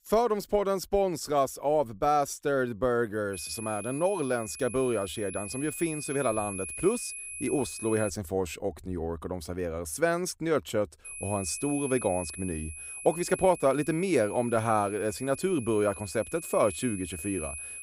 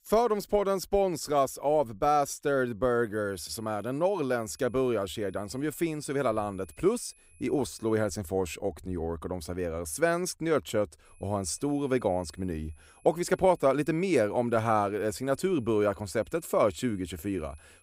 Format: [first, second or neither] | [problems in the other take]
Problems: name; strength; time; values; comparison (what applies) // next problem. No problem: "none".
second | high-pitched whine; loud; from 3.5 to 8 s and from 11 s on; 11 kHz, 9 dB below the speech; faint in the second